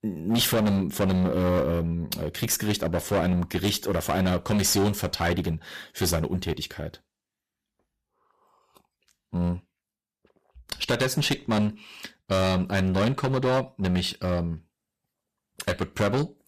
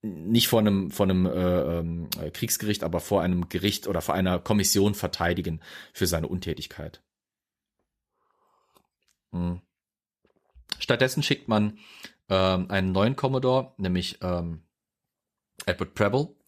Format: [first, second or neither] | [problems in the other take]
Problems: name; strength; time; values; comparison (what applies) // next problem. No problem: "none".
second | distortion; heavy; 11% of the sound clipped